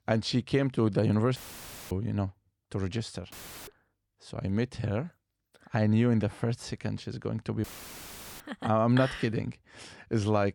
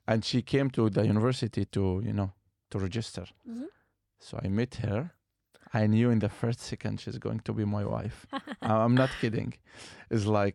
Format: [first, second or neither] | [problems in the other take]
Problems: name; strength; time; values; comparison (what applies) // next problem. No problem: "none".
second | audio cutting out; filled with static; at 1.5 s for 0.5 s, at 3.5 s and at 7.5 s for 1 s